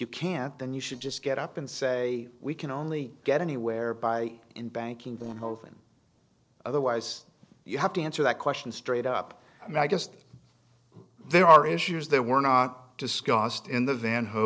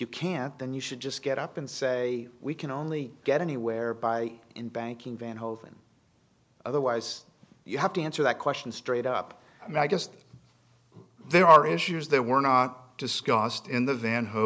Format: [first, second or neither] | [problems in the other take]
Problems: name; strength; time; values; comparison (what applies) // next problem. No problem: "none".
second | noise reduction (neural separator model SepFormer DNS4)